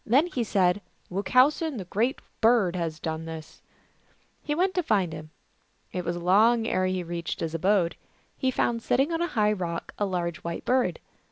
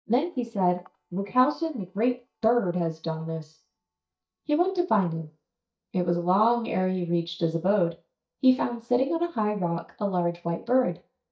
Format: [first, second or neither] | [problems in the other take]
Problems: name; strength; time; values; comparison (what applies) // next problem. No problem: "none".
first | noise reduction (neural mask model DeepFilterNet 3)